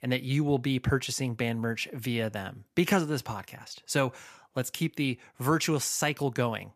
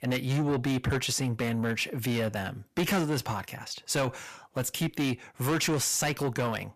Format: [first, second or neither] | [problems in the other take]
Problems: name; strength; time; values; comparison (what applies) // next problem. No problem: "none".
first | distortion; heavy; 7 dB below the speech